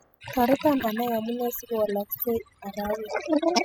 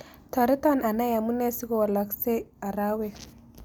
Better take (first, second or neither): second